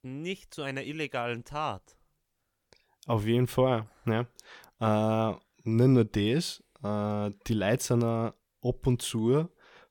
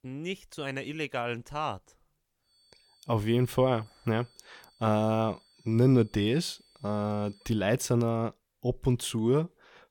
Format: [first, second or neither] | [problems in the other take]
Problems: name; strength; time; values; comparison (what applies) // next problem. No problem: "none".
first | high-pitched whine; faint; from 2.5 to 7.5 s; 4.5 kHz, 30 dB below the speech